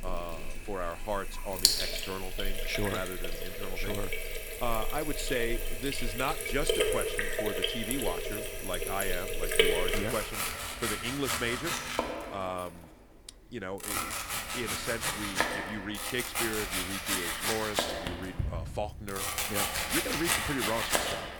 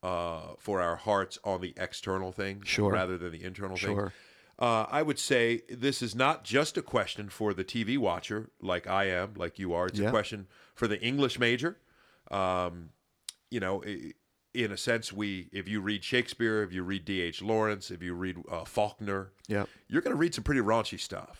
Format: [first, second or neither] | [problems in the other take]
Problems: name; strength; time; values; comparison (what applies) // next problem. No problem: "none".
second | household noises; very loud; throughout; 5 dB above the speech